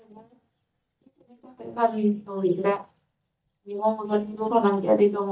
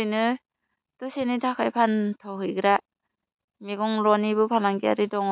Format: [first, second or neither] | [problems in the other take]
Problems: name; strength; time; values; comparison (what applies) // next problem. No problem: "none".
second | noise reduction (neural mask model DeepFilterNet 3)